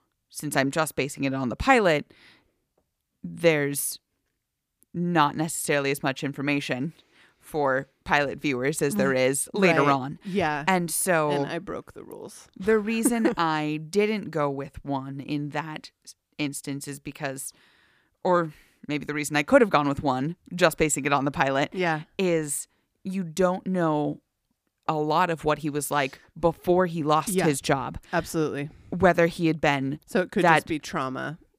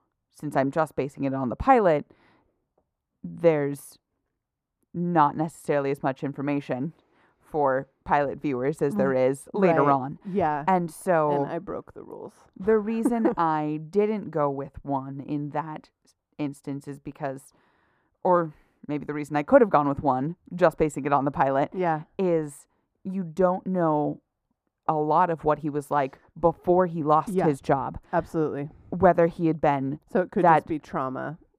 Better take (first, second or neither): first